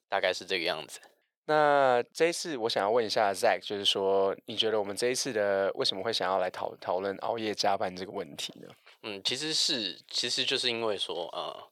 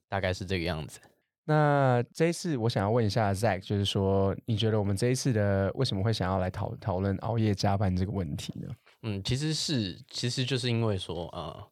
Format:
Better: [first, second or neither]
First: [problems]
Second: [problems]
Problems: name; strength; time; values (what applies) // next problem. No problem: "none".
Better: second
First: thin; very; fading below 500 Hz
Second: none